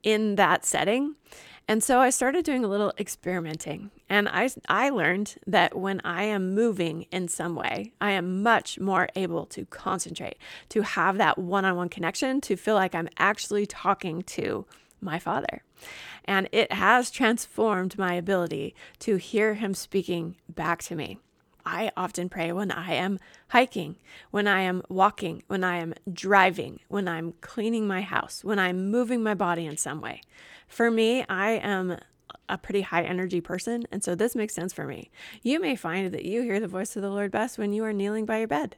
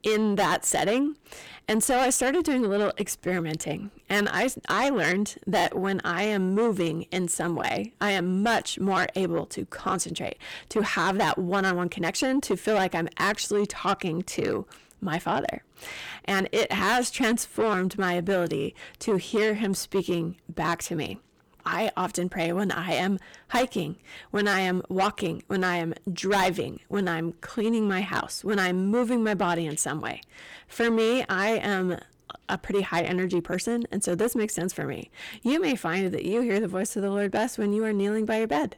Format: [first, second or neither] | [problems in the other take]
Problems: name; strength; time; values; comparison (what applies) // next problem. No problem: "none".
first | distortion; heavy; 7 dB below the speech